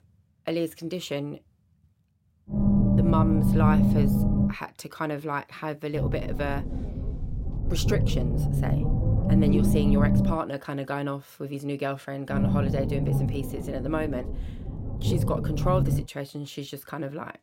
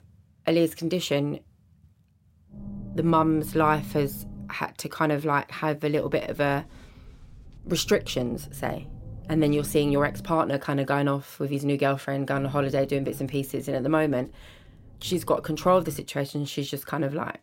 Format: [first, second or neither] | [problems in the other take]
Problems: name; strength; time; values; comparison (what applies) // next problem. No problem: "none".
second | low rumble; loud; from 2.5 to 4.5 s, from 6 to 10 s and from 12 to 16 s; 1 dB below the speech; faint in the second